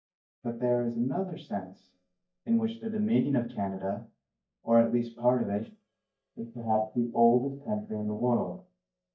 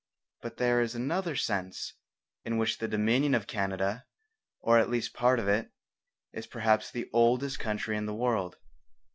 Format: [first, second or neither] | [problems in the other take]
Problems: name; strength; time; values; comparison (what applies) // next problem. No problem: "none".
second | noise reduction (neural mask model DeepFilterNet 3)